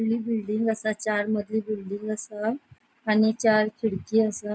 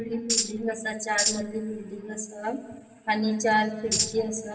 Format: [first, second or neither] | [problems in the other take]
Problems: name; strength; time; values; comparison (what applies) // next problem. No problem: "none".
first | background sound (Tambourine); 1 dB above the speech // room echo; dies away in 2.1 s